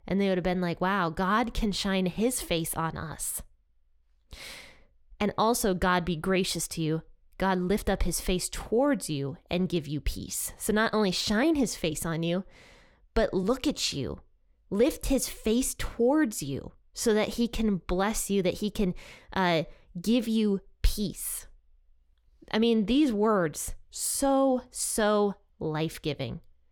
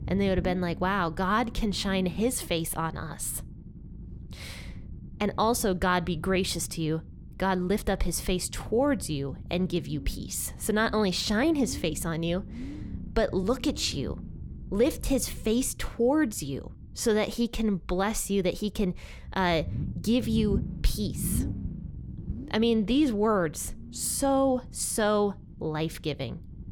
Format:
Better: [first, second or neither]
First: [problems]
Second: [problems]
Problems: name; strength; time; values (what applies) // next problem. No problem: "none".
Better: first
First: none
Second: low rumble; faint; throughout; 20 dB below the speech